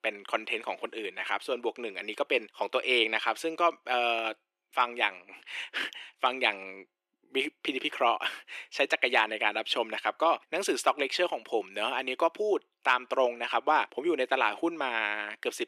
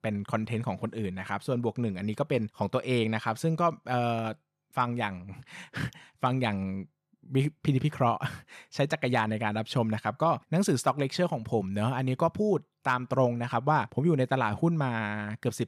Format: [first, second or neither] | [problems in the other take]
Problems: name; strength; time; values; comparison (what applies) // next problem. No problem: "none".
second | thin; very; fading below 300 Hz